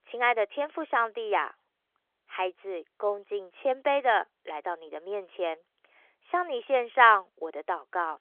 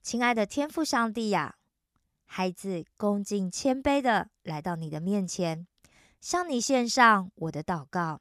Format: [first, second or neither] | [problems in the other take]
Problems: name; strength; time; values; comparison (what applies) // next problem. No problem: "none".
second | phone-call audio; nothing above 3.5 kHz